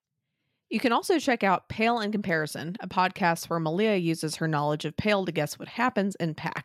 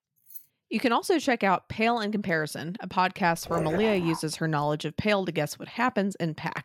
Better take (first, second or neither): first